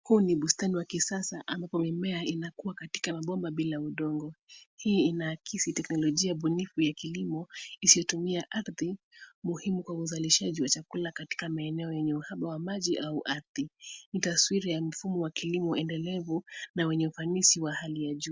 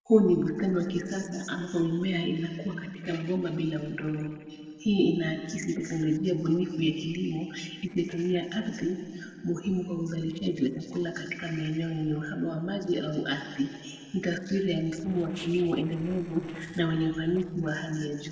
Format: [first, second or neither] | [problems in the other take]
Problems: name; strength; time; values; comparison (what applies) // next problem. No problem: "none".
first | noise reduction (neural separator model SepFormer DNS4)